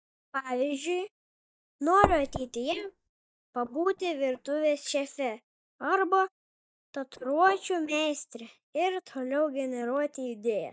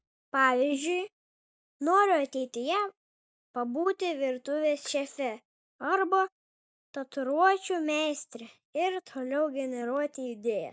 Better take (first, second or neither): second